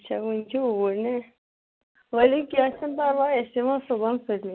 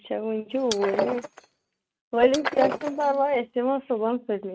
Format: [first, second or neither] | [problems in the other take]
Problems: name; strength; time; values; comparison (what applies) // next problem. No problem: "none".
first | noise reduction (neural mask model RNNoise)